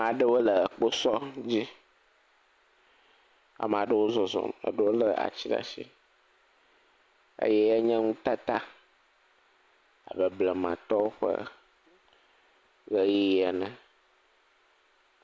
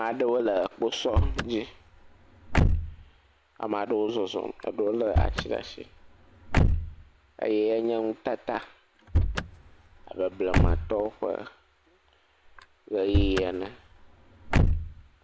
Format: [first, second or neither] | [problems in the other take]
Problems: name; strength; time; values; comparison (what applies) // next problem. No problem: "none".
first | background sound (Slam / Car); 2 dB above the speech